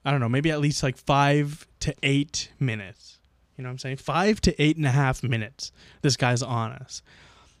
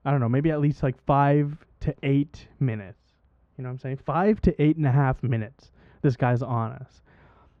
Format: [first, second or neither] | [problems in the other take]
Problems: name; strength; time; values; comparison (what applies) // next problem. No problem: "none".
first | muffled; very; fading above 3.5 kHz